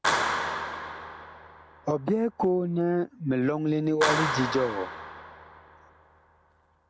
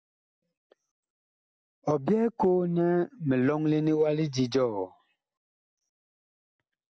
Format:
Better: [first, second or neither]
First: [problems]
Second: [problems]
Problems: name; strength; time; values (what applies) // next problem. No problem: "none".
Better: second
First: background sound (Clapping); 4 dB below the speech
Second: none